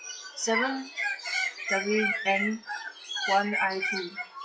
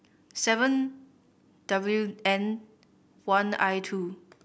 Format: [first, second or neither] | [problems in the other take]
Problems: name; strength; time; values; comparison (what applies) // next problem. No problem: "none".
second | noise reduction (classical method WPE with log-MMSE)